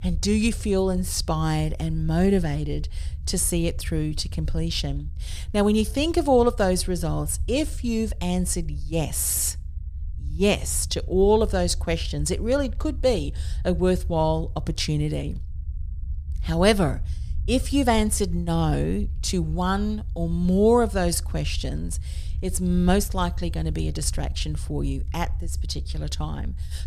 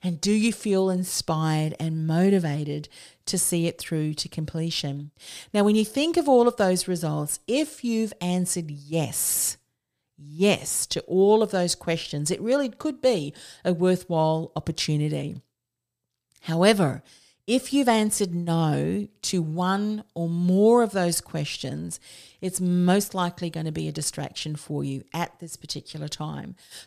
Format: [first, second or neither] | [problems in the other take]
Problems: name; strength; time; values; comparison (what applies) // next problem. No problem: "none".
second | low rumble; faint; throughout; 25 dB below the speech